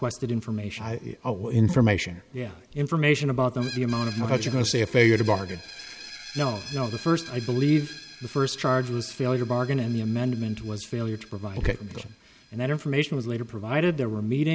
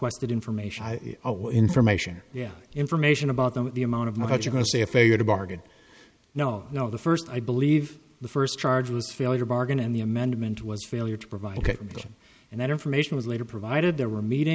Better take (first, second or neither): second